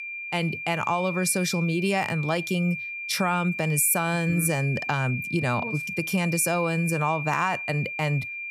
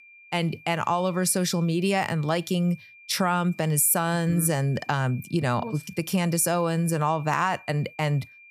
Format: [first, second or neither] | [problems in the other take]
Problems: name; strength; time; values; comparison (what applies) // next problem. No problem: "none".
second | high-pitched whine; loud; throughout; 2.5 kHz, 6 dB below the speech; faint in the second